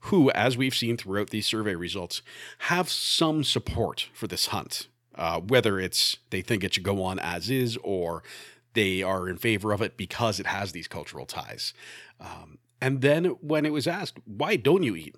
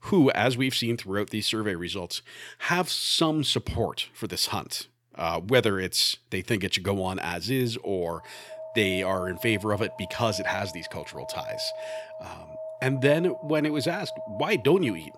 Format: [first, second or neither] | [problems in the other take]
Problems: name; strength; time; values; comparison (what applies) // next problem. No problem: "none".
first | alarm; noticeable; from 8 s on; peak 9 dB below the speech